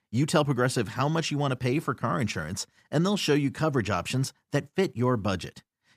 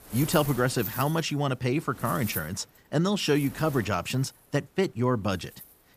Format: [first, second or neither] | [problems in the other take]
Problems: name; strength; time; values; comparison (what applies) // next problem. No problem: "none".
first | wind noise on the microphone; occasional gusts; 15 dB below the speech